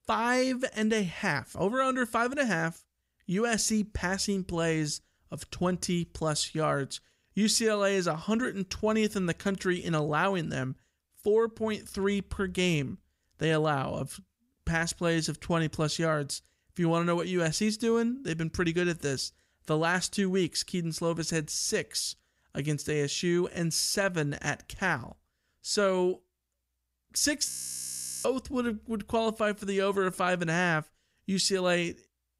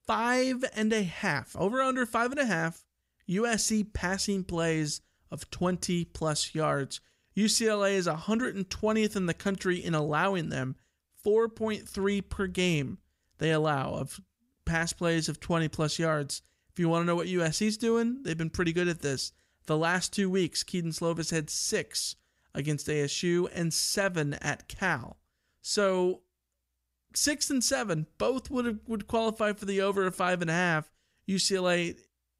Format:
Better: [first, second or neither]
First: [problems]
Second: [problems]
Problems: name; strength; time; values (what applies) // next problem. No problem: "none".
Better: second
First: audio freezing; at 27 s for 1 s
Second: none